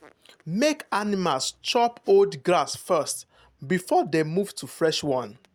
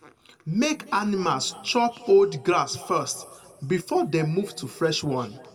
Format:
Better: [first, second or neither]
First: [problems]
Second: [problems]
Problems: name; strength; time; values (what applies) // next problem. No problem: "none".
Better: first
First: none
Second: room echo; dies away in 1.6 s